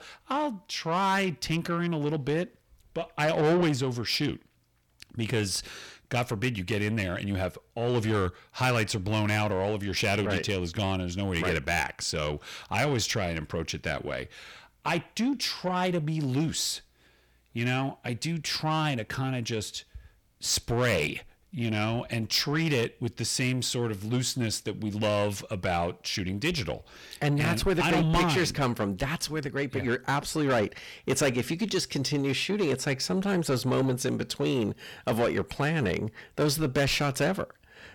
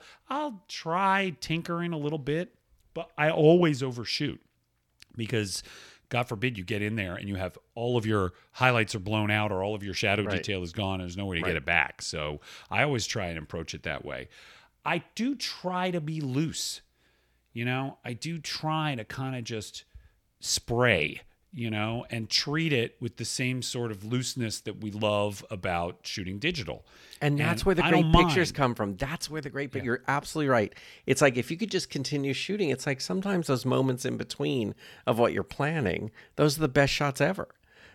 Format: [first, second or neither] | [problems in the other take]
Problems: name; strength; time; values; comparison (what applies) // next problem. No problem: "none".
second | distortion; heavy; 8 dB below the speech